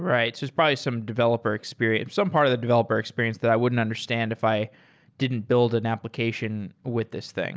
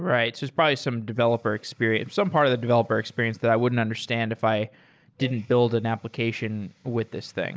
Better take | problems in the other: first | noise reduction (neural mask model Resemble Enhance denoiser)

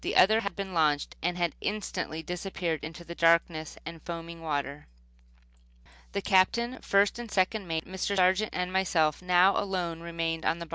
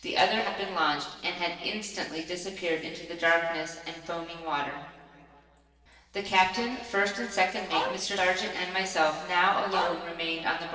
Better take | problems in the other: first | noise reduction (neural separator model SepFormer DNS4)

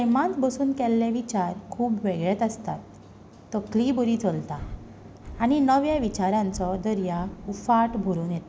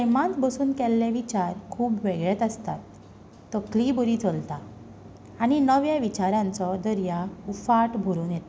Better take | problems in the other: second | background sound (Breathing); 17 dB below the speech

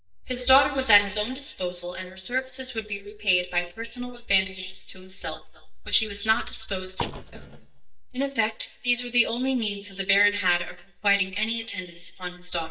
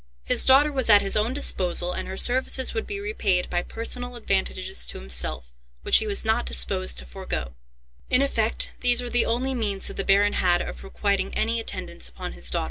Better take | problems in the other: second | noise reduction (neural mask model DeepFilterNet 3)

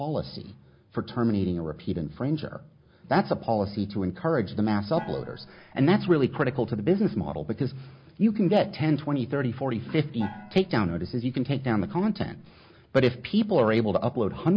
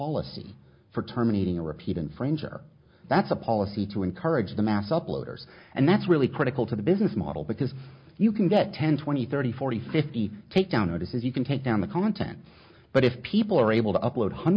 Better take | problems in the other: second | background sound (Gong); 20 dB below the speech

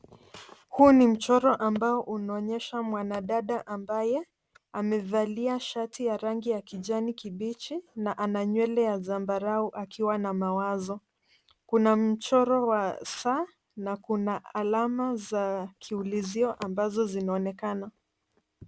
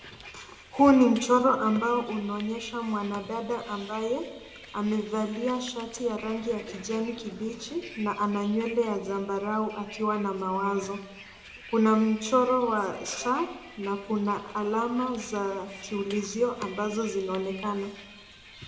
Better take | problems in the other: first | background sound (Bus); 18 dB below the speech // room echo; dies away in 0.6 s

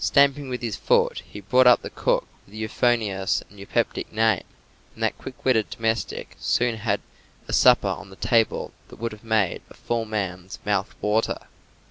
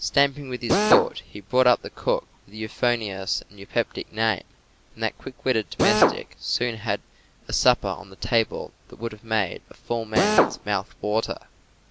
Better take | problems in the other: first | background sound (Drill); 4 dB above the speech

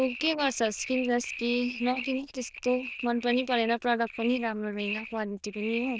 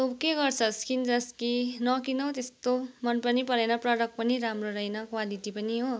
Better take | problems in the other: second | noise reduction (neural diffusion model UNIVERSE++)

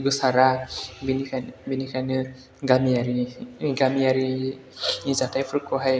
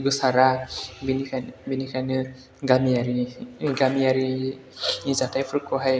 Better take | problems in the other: first | background sound (Skateboard); 19 dB below the speech

